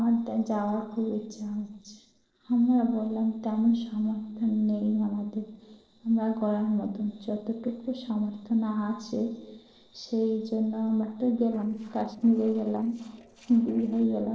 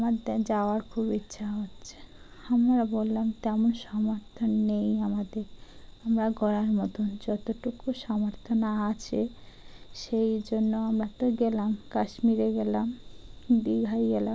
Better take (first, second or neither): second